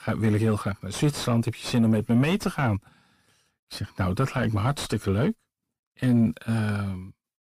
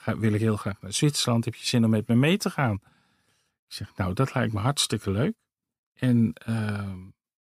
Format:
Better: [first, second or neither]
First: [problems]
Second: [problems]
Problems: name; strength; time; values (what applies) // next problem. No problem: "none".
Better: second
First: distortion; slight; 9 dB below the speech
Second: none